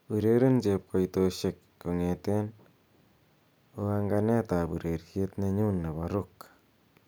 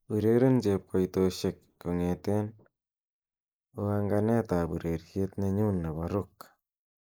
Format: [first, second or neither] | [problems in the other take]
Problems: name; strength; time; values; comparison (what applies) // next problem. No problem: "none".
first | noise reduction (neural mask model Resemble Enhance denoiser)